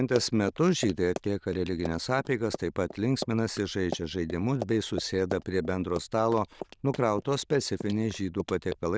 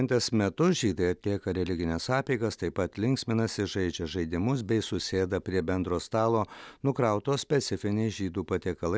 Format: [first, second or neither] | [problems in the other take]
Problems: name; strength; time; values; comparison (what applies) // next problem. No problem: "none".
second | noise reduction (neural diffusion model UNIVERSE++)